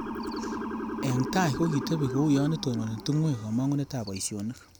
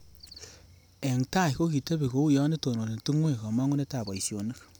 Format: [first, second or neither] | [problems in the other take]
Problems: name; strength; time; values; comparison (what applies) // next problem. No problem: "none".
second | background sound (Motor vehicle (road) / Siren); 7 dB below the speech